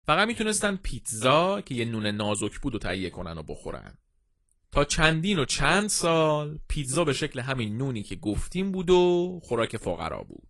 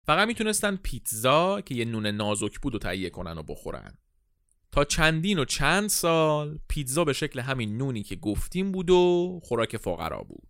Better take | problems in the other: second | garbled, watery; slightly; nothing above 10.5 kHz

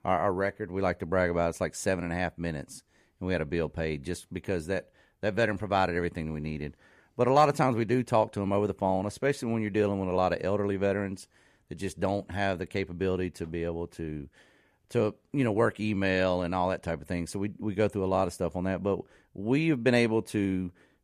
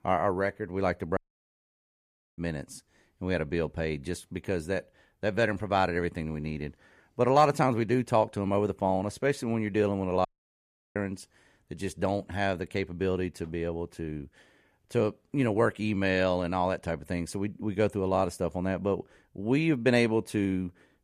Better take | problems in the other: first | audio cutting out; at 1 s for 1 s and at 10 s for 0.5 s

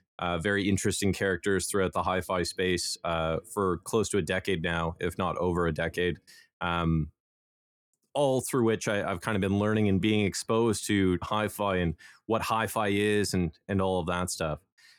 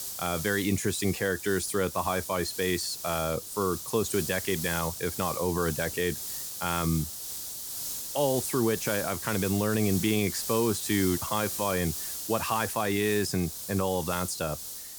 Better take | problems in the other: first | hiss; loud; throughout; 5 dB below the speech

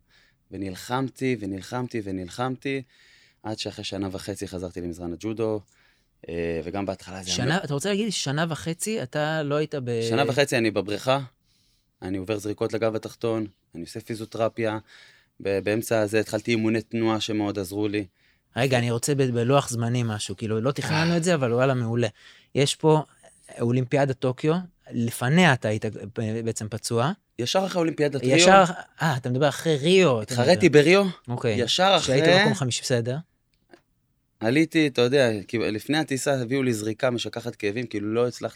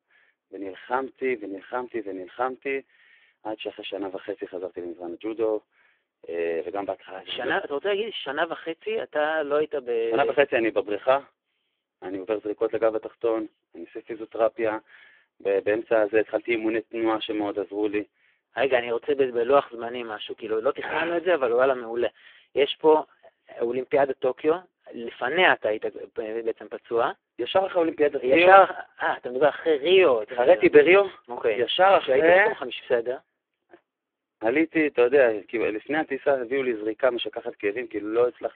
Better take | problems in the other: first | phone-call audio; poor line; nothing above 3.5 kHz

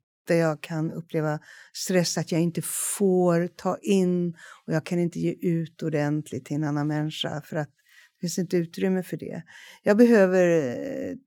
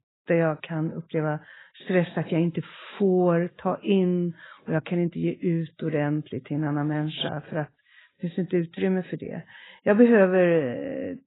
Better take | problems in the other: first | garbled, watery; badly; nothing above 3.5 kHz

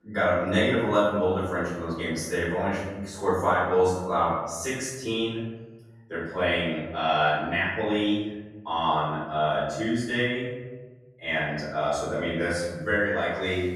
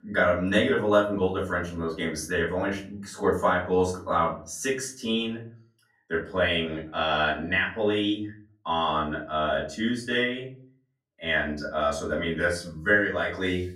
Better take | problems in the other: second | room echo; strong; dies away in 1.2 s; slight in the second // off-mic speech; far; far in the second

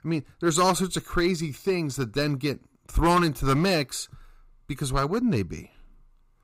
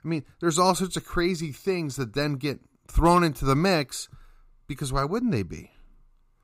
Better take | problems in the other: second | distortion; slight; 3% of the sound clipped

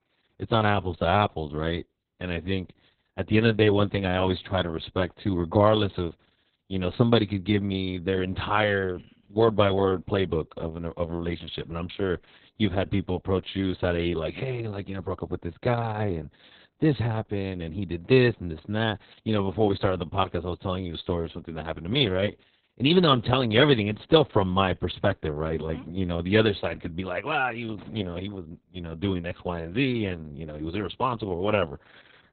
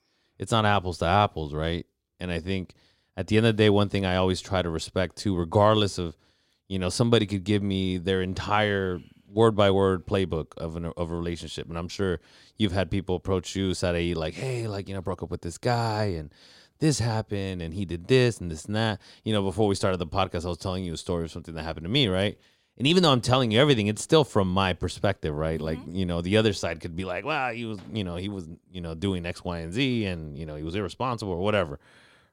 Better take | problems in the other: second | garbled, watery; badly; nothing above 4 kHz

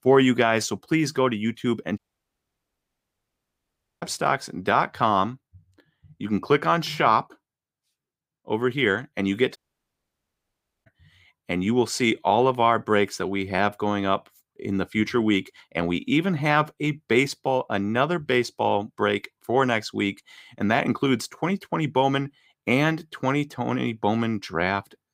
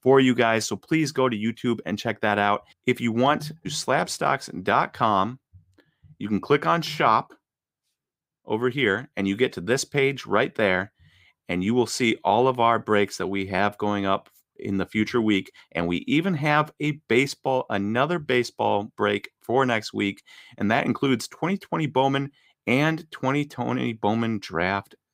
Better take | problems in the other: second | audio cutting out; at 2 s for 2 s and at 9.5 s for 1.5 s

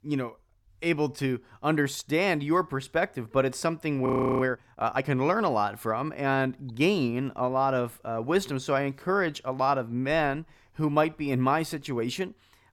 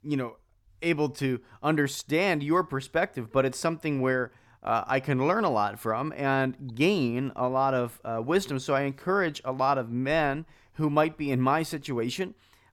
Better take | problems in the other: second | audio freezing; at 4 s

